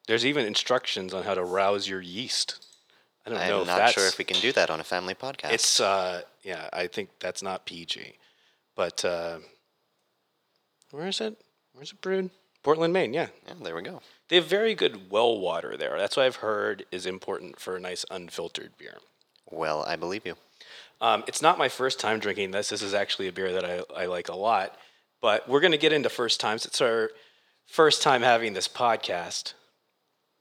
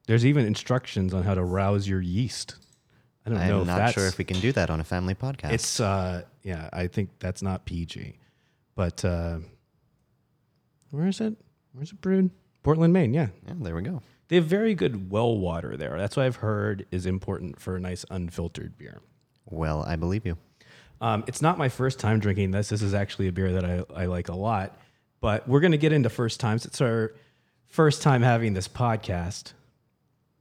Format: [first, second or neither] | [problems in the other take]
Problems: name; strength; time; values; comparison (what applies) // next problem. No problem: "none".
second | thin; very; fading below 500 Hz